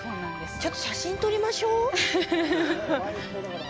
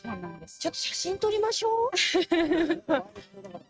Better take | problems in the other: first | noise reduction (neural mask model RNNoise)

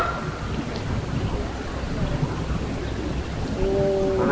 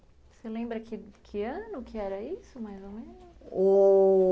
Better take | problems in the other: second | background sound (Fowl); 4 dB above the speech

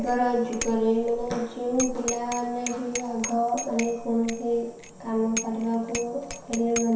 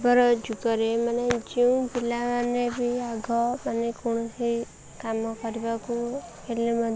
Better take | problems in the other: second | background sound (Bicycle bell); 10 dB below the speech // room echo; dies away in 0.7 s

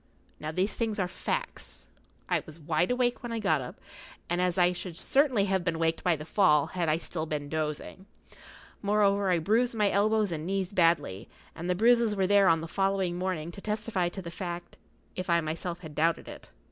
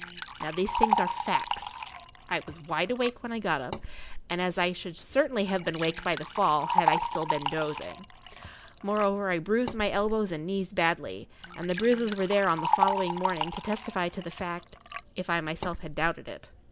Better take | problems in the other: first | background sound (Liquid); 4 dB below the speech

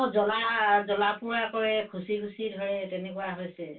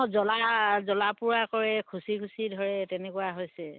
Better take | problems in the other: second | room echo; dies away in 0.2 s

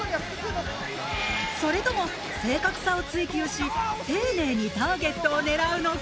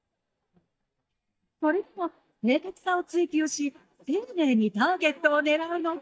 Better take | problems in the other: first | noise reduction (neural mask model DeepFilterNet 3)

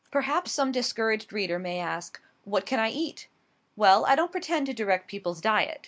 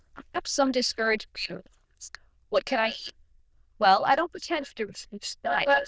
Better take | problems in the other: first | noise reduction (neural diffusion model UNIVERSE++)

